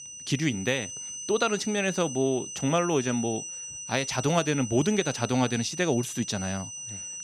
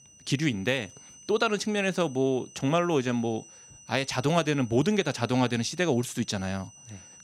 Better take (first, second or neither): second